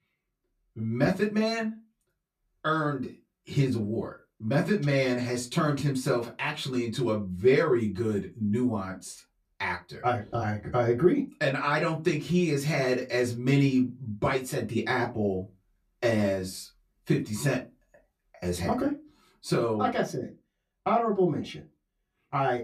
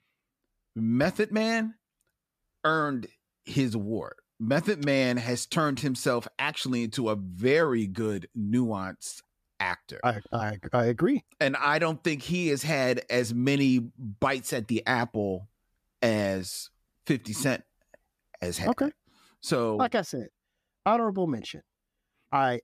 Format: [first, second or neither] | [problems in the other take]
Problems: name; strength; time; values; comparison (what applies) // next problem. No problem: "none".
second | off-mic speech; far // room echo; very slight; dies away in 0.2 s